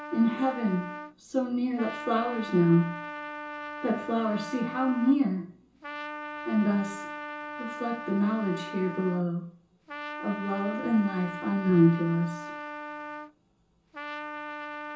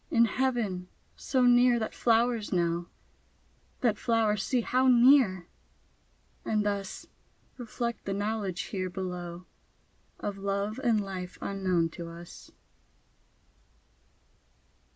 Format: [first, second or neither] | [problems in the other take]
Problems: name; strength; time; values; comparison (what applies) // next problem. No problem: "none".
second | background sound (Trumpet); 10 dB below the speech // room echo; dies away in 0.7 s